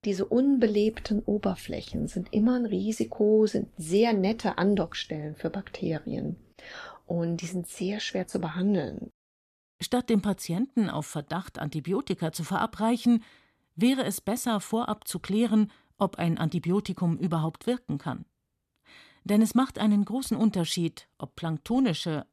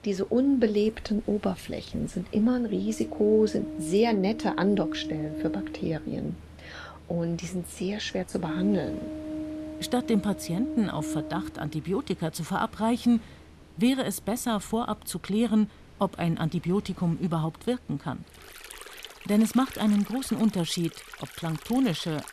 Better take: first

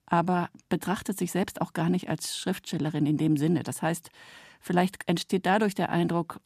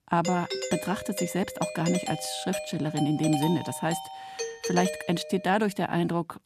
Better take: first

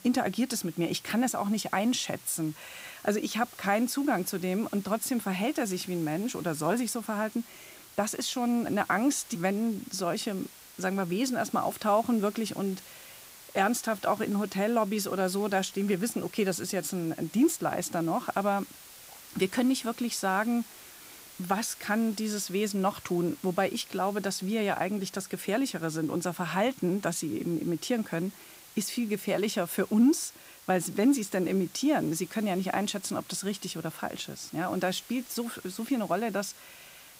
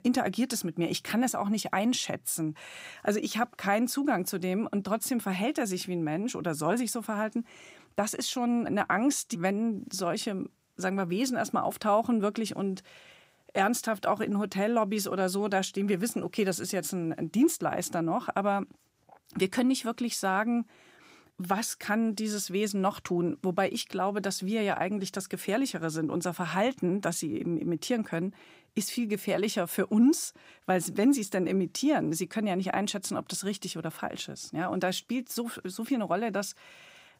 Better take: second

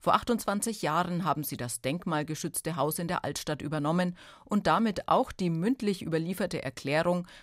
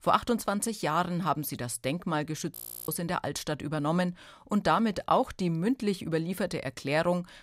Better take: first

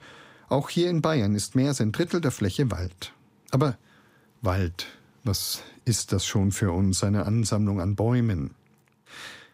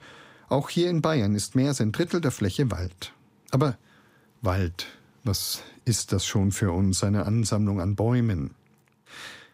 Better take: neither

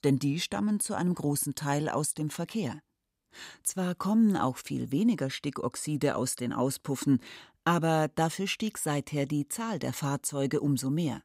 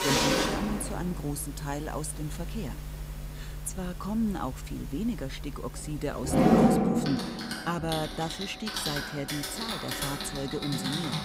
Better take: first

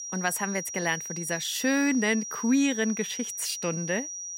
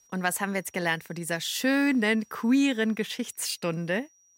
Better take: second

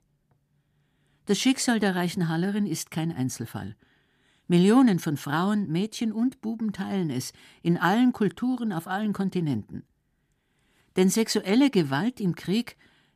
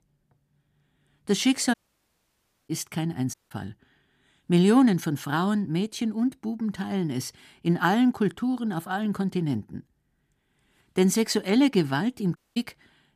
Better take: first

